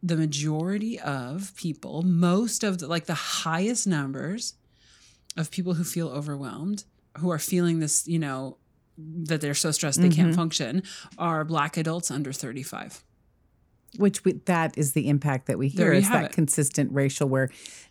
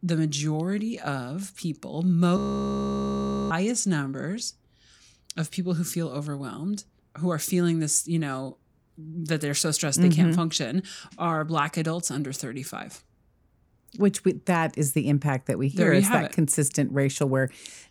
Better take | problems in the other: first | audio freezing; at 2.5 s for 1 s

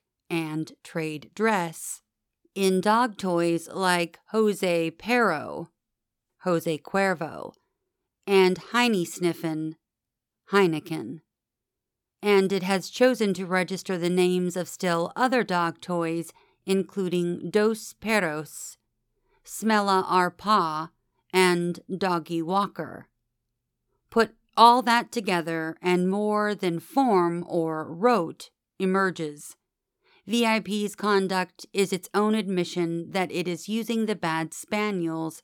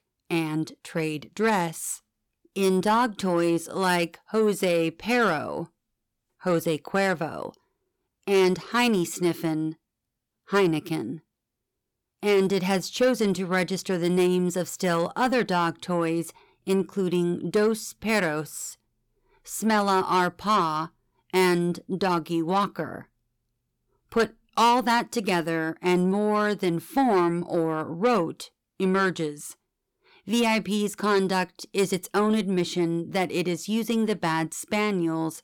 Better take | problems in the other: first | distortion; slight; 10 dB below the speech

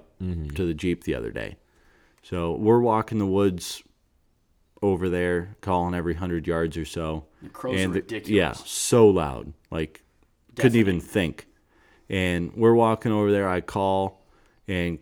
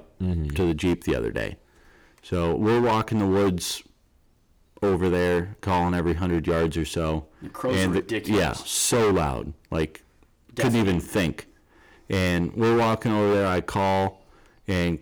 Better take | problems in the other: first | distortion; heavy; 13% of the sound clipped

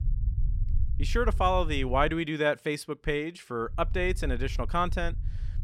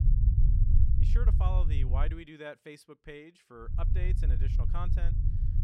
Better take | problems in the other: first | low rumble; loud; until 2 s and from 4 s on; 3 dB below the speech; faint in the first

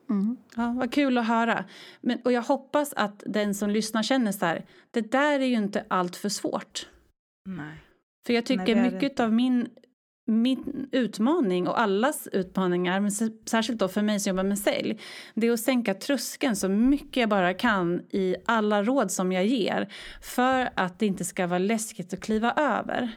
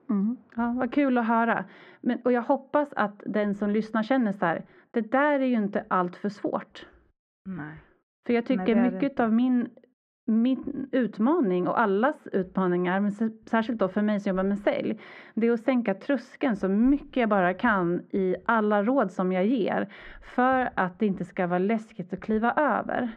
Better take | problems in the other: first | muffled; very; fading above 1.5 kHz

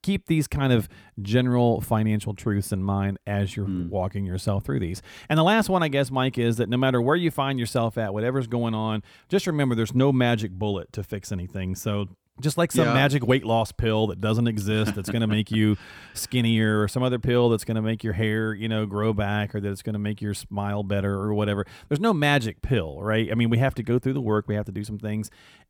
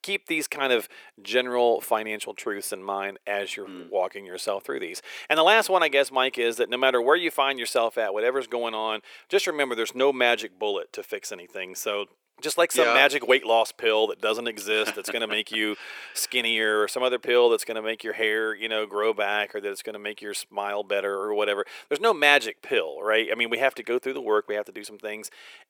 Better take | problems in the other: first | thin; very; fading below 400 Hz

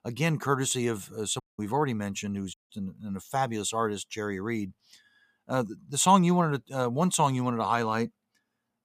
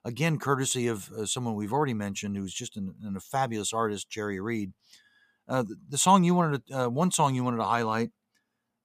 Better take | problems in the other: second | audio cutting out; at 1.5 s and at 2.5 s

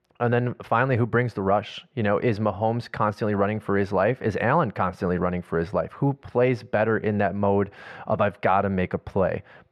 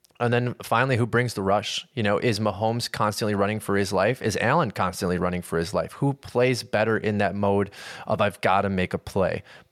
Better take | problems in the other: second | muffled; very; fading above 3.5 kHz

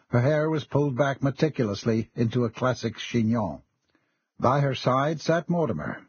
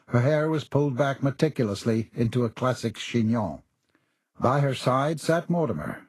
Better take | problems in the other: second | garbled, watery; badly; nothing above 6.5 kHz; slightly in the second

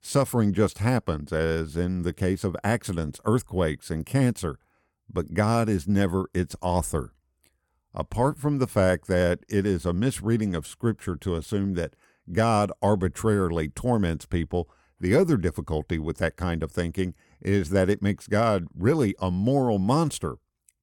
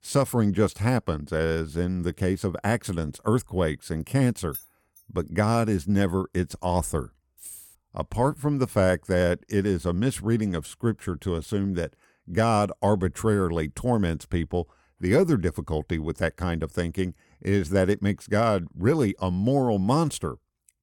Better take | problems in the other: first | jangling keys; faint; at 4.5 s and at 7.5 s; peak 15 dB below the speech

